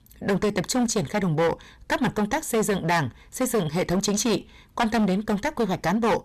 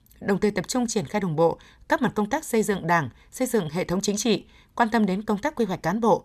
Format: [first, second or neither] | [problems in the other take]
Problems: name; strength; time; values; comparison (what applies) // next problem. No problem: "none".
second | distortion; heavy; 14% of the sound clipped